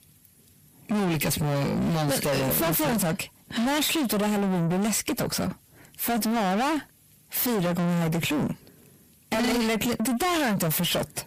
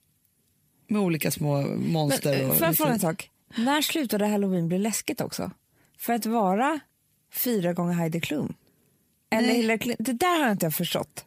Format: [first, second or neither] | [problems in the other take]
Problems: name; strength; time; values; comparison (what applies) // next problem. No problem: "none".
second | distortion; heavy; 6 dB below the speech